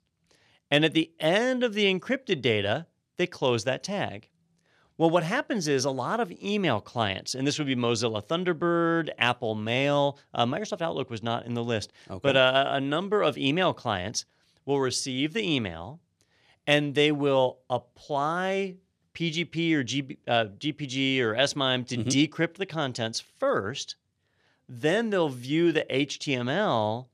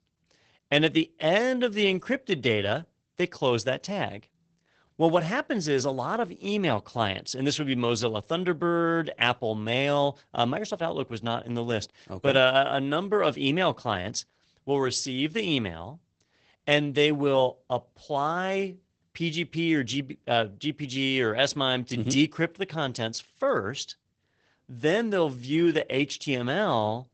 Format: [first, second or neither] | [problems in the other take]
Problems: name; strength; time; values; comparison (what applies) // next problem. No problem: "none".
first | garbled, watery; badly; nothing above 8 kHz